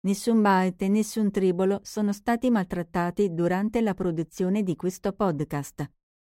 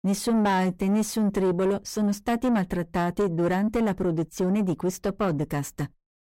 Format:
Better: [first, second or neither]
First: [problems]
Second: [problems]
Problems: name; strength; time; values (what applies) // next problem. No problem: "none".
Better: first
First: none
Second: distortion; slight; 9 dB below the speech